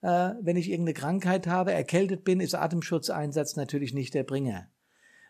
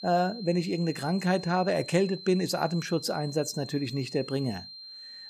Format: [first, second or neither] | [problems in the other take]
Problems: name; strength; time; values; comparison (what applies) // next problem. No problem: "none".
first | high-pitched whine; noticeable; throughout; 4 kHz, 15 dB below the speech